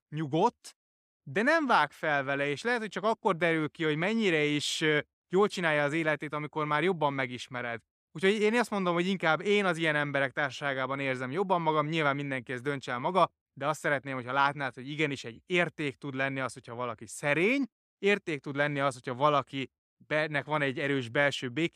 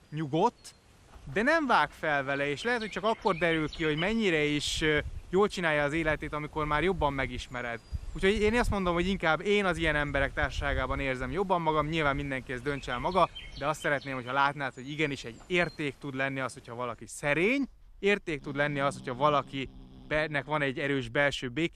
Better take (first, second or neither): first